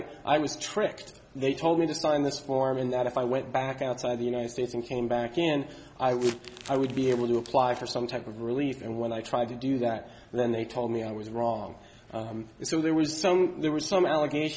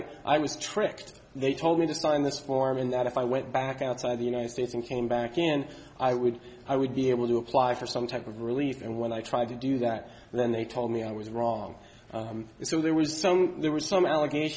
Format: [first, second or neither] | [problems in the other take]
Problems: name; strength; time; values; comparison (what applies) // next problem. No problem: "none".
second | background sound (Crumpling, crinkling); 18 dB below the speech